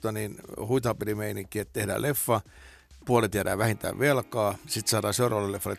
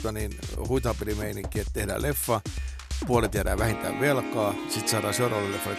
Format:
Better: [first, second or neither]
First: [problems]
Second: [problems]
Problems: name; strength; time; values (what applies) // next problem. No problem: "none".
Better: first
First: background music; faint; throughout; 30 dB below the speech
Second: background music; loud; throughout; 6 dB below the speech